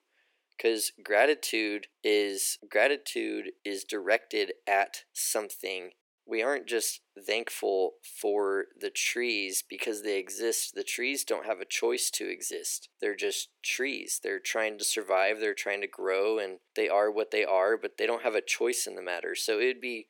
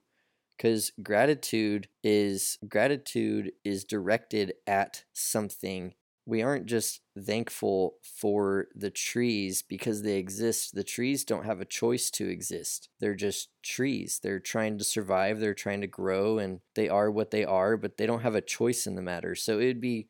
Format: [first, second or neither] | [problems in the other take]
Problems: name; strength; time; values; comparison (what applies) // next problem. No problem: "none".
second | thin; very; fading below 350 Hz